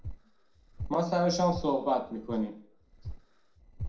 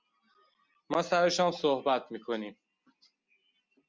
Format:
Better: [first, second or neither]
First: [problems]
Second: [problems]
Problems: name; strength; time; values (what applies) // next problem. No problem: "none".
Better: second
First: noise reduction (neural separator model SepFormer DNS4)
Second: none